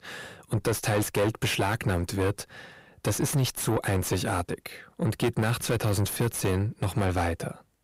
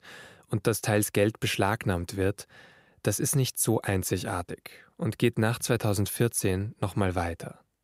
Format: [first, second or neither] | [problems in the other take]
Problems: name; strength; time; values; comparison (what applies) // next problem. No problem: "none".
second | distortion; heavy; 7 dB below the speech